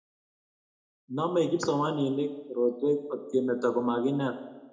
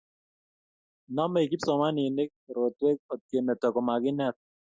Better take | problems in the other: second | room echo; dies away in 0.6 s

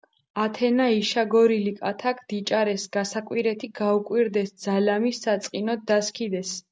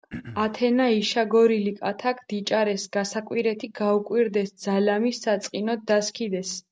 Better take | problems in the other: first | noise reduction (neural separator model SepFormer DNS4)

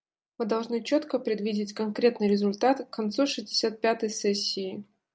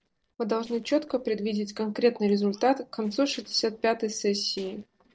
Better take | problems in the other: first | noise reduction (neural separator model SepFormer DNS4)

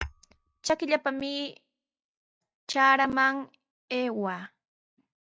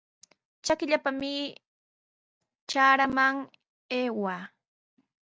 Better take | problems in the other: second | noise reduction (classical method log-MMSE)

